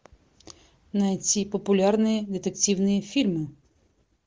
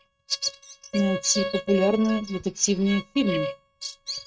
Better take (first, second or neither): first